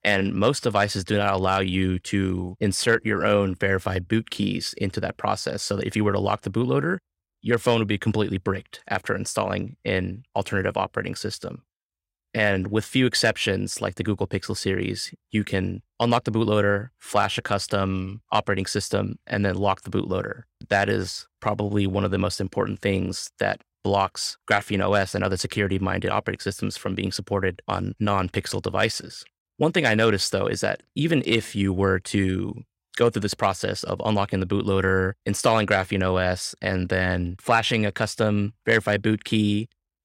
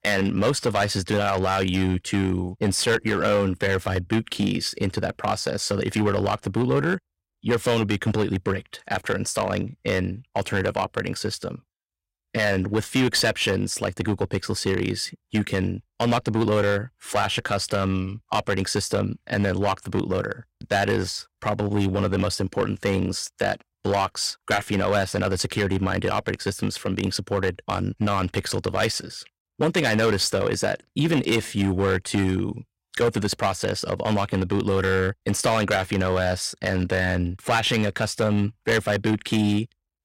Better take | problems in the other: first | distortion; slight; 6% of the sound clipped

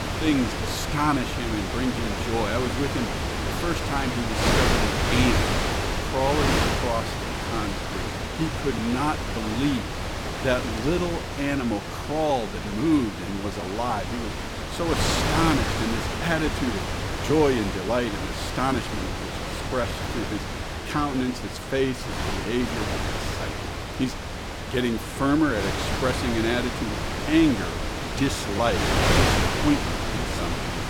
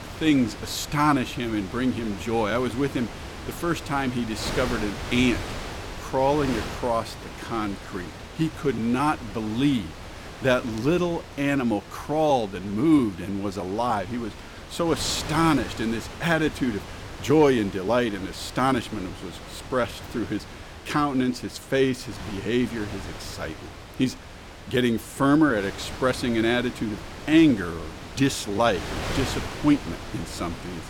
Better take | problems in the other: second | wind noise on the microphone; heavy; as loud as the speech; occasional gusts in the second

